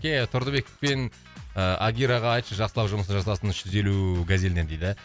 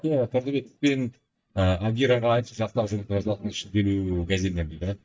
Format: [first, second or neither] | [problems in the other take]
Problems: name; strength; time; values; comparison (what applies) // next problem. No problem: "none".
first | noise reduction (neural mask model DeepFilterNet 3)